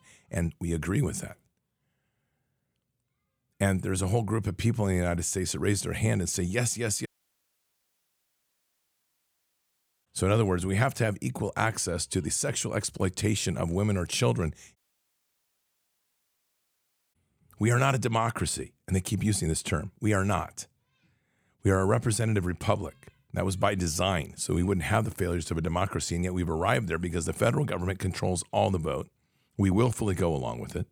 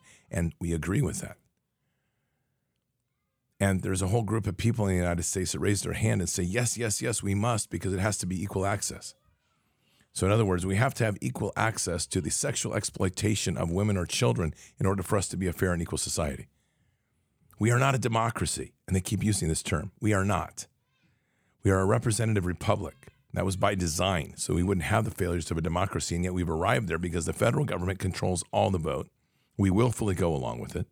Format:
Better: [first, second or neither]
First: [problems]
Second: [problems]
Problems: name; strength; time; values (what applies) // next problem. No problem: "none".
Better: second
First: audio cutting out; at 7 s for 3 s and at 15 s for 2.5 s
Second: none